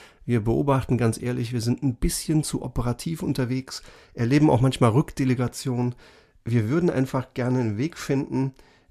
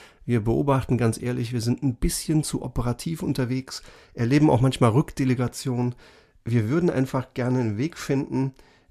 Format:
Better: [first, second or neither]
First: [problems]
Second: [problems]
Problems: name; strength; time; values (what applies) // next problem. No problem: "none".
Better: neither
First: none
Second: none